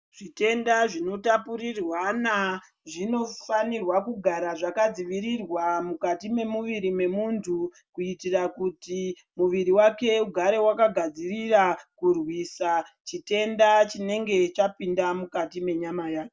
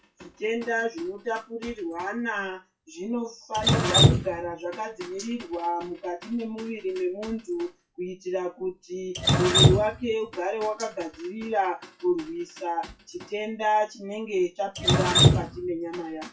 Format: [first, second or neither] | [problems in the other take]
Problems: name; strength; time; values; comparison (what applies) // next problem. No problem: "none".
first | noise reduction (classical method WPE with log-MMSE)